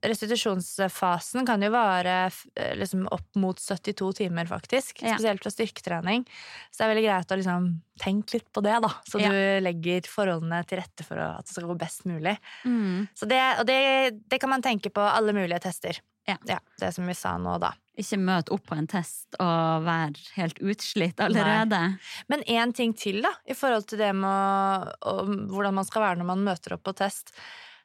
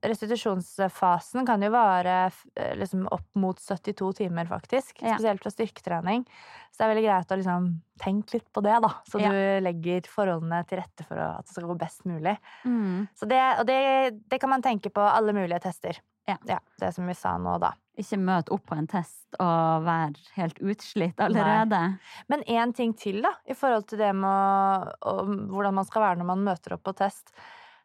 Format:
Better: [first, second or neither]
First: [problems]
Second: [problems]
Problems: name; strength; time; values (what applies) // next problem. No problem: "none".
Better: first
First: none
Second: muffled; slightly; fading above 2 kHz